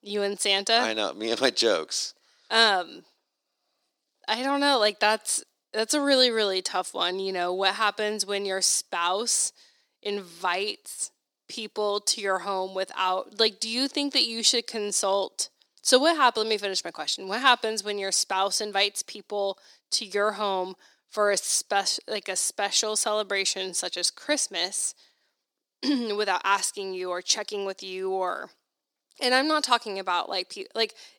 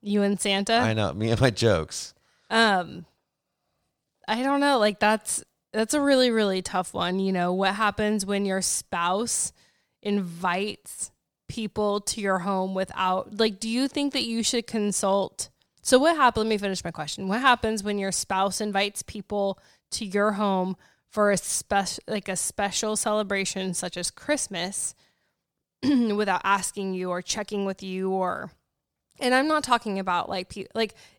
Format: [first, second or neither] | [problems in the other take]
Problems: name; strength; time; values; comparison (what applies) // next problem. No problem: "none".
second | thin; very slightly; fading below 300 Hz